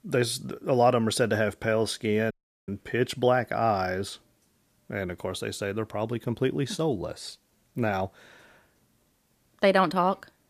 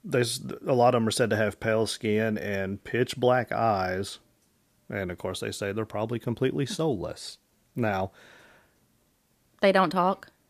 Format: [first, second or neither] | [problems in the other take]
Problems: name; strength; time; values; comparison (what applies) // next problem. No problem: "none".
second | audio cutting out; at 2.5 s